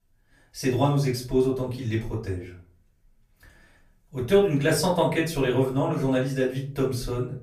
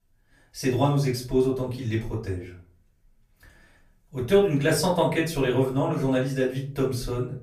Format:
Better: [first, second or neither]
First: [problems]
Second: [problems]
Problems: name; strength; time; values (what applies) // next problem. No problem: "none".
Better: neither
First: off-mic speech; far // room echo; slight; dies away in 0.4 s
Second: off-mic speech; far // room echo; slight; dies away in 0.4 s